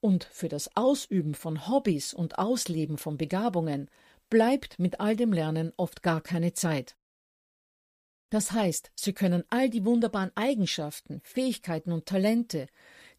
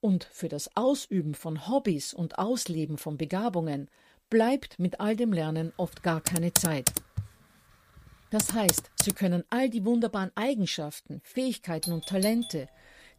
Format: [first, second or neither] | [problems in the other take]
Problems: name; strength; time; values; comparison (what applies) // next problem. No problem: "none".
first | keyboard typing; loud; from 6.5 to 9 s; peak 5 dB above the speech // doorbell; noticeable; at 12 s; peak 6 dB below the speech